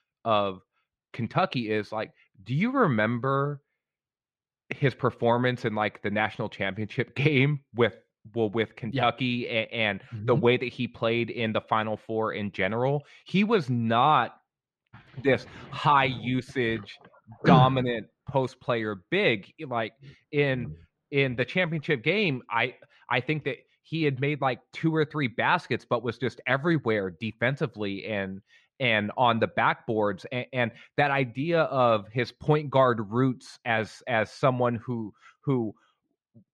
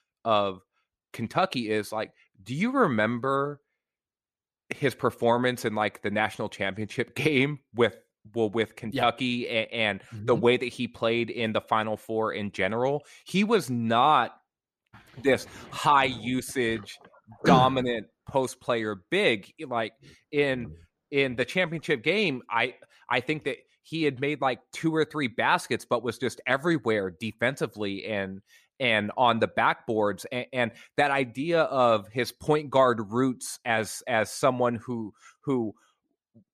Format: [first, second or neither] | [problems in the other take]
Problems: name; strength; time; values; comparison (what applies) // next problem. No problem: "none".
second | muffled; very slightly; fading above 3.5 kHz